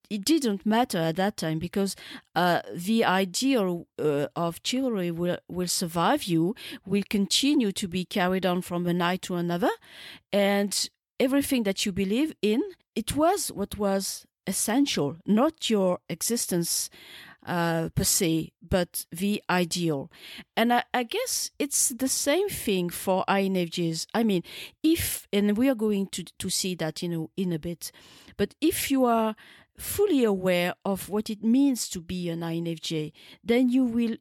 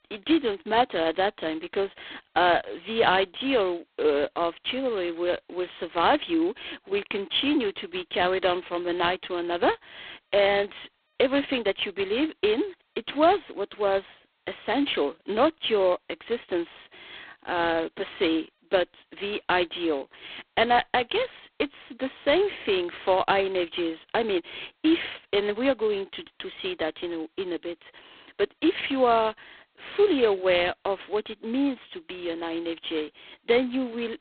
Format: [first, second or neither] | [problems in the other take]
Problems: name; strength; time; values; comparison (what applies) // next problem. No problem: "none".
first | phone-call audio; poor line; nothing above 3.5 kHz